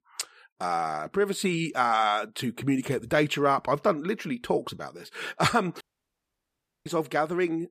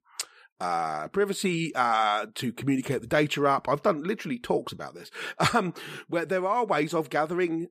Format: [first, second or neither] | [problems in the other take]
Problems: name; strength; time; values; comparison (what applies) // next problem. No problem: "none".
second | audio cutting out; at 6 s for 1 s